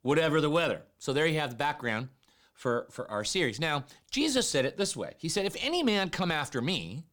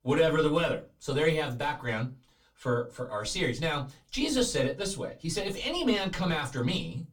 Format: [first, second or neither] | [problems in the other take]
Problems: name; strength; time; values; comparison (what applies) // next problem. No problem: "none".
first | off-mic speech; far // room echo; very slight; dies away in 0.2 s